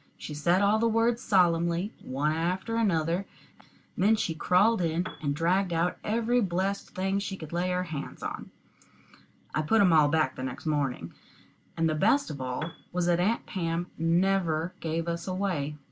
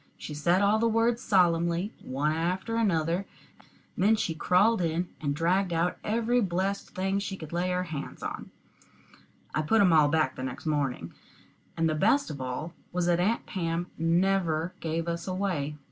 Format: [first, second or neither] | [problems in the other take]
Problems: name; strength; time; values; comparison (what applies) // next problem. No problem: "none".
second | background sound (Piano); 12 dB below the speech